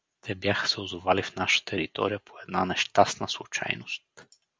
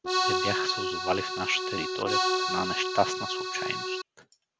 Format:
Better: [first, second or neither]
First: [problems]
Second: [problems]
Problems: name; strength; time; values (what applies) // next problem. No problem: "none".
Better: first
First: none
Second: background sound (Accordion); 3 dB above the speech